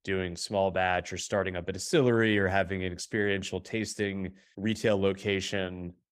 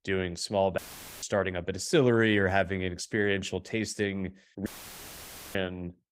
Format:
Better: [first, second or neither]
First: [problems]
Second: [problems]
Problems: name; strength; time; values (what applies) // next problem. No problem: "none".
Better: first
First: none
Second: audio cutting out; filled with static; at 1 s and at 4.5 s for 1 s